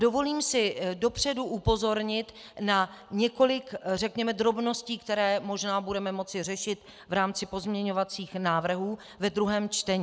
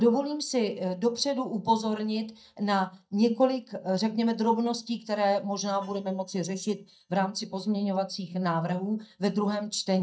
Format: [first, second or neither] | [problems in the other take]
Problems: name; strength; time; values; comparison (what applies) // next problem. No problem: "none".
first | noise reduction (neural mask model DeepFilterNet 3)